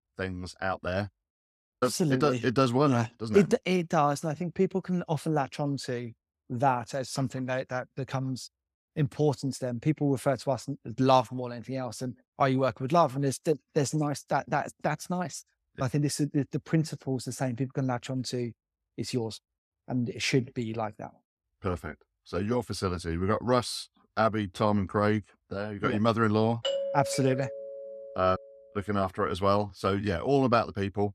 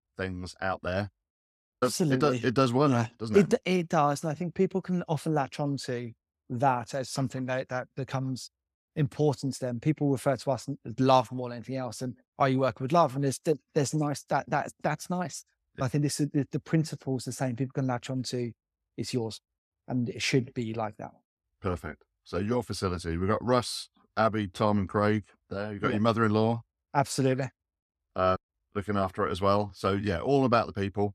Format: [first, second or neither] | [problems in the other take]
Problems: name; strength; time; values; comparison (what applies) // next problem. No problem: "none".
second | doorbell; noticeable; from 27 to 28 s; peak 2 dB below the speech